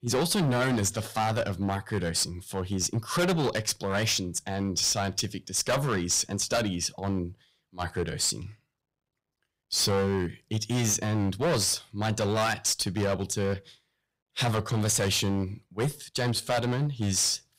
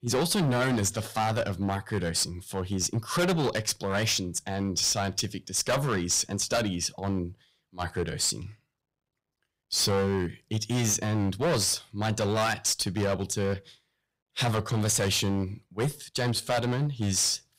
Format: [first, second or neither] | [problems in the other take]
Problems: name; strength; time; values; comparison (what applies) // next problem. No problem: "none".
neither | distortion; heavy; 12% of the sound clipped; the same in both